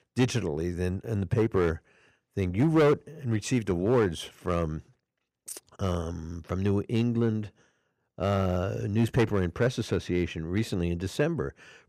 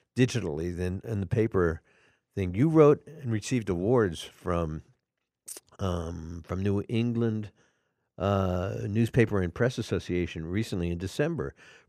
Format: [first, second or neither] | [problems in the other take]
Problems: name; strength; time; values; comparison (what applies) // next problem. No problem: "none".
second | distortion; slight; 3% of the sound clipped